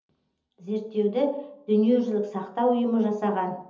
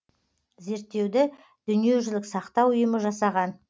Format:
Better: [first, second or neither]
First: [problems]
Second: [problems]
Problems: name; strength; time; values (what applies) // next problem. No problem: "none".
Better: second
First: room echo; dies away in 1.2 s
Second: none